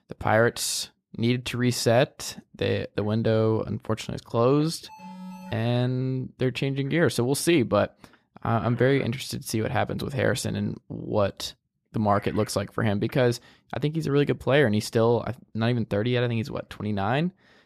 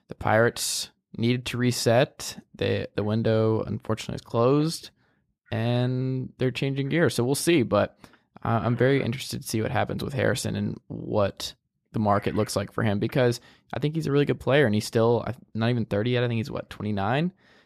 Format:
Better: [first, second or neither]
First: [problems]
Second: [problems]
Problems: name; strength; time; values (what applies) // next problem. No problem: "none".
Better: second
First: alarm; faint; at 5 s; peak 15 dB below the speech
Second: none